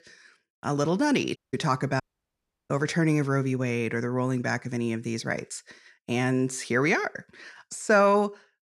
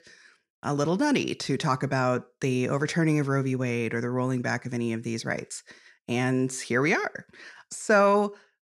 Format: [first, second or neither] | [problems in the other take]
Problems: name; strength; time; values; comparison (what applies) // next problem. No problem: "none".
second | audio cutting out; at 1.5 s and at 2 s for 0.5 s